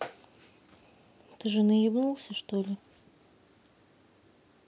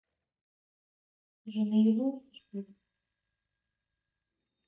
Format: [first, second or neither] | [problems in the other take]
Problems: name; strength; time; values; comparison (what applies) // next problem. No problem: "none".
first | noise reduction (neural mask model DeepFilterNet 3)